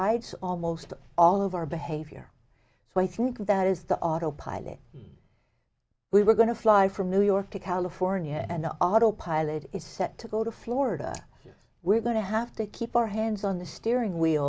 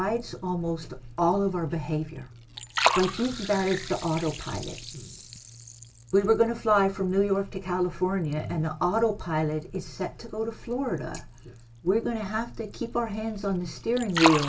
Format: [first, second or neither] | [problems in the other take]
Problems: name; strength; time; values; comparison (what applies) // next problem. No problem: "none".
first | background sound (Liquid); 8 dB below the speech // room echo; dies away in 0.2 s